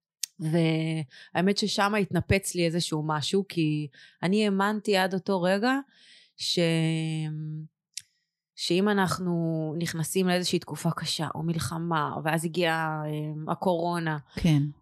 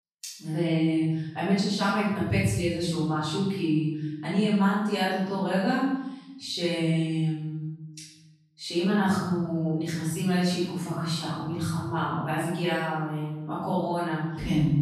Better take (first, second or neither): first